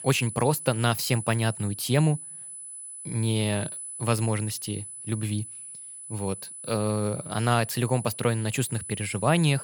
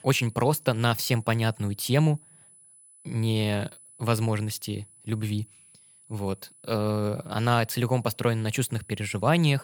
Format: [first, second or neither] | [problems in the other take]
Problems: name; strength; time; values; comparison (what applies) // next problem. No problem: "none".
second | high-pitched whine; loud; throughout; 10 kHz, 10 dB below the speech; faint in the second